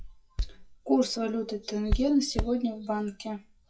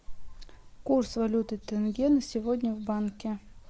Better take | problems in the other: second | noise reduction (classical method WPE with log-MMSE)

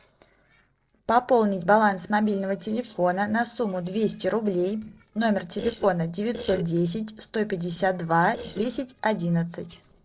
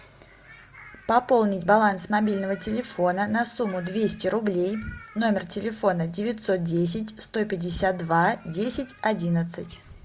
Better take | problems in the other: second | noise reduction (neural separator model SepFormer DNS4)

